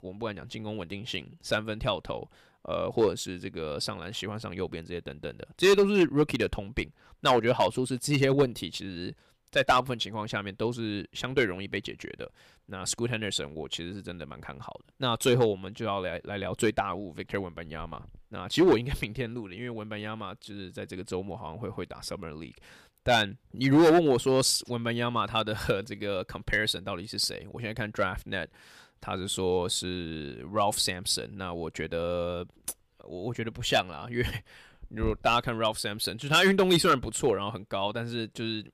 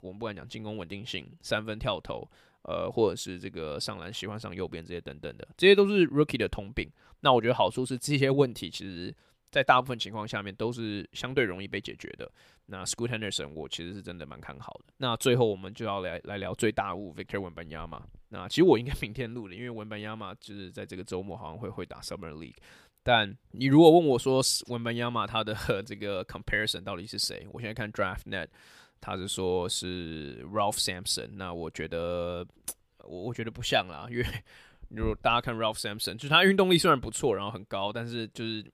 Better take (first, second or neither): second